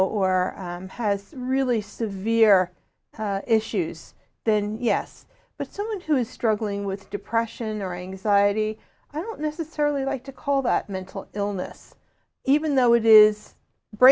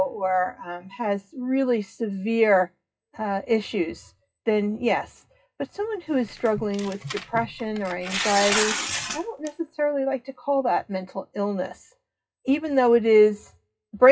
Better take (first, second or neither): first